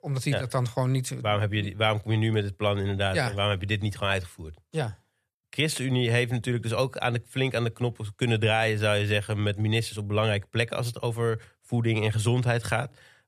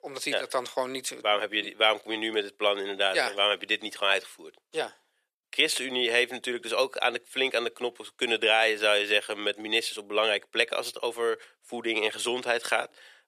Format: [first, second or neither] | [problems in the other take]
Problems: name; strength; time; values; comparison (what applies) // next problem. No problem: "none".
first | thin; very; fading below 350 Hz